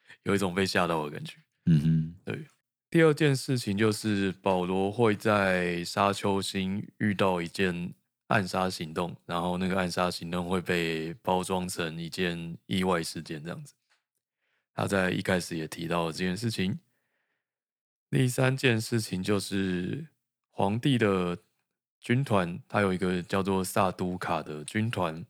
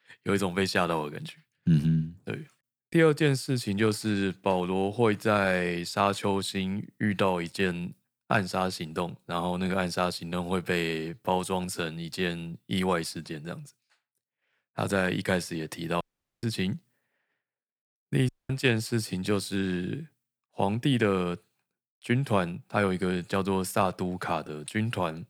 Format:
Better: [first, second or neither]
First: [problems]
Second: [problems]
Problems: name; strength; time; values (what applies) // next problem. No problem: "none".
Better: first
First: none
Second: audio cutting out; at 16 s and at 18 s